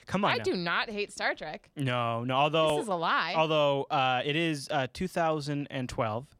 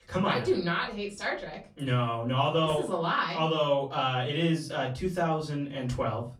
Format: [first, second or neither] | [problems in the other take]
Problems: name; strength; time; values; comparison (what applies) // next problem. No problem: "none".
first | off-mic speech; far // room echo; slight; dies away in 0.3 s